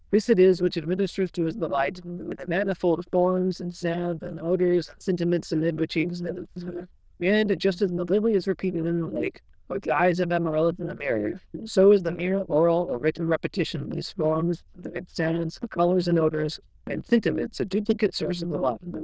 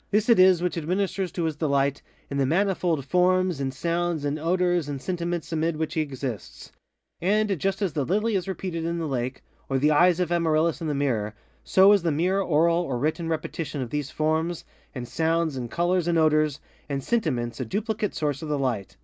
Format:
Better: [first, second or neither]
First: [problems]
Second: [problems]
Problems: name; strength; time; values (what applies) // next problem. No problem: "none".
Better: second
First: noise reduction (neural diffusion model UNIVERSE++)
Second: none